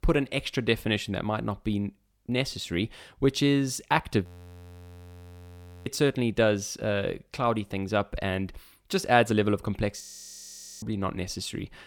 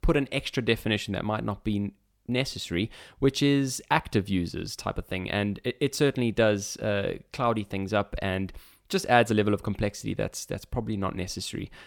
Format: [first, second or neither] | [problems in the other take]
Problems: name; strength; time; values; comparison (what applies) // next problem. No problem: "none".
second | audio freezing; at 4.5 s for 1.5 s and at 10 s for 1 s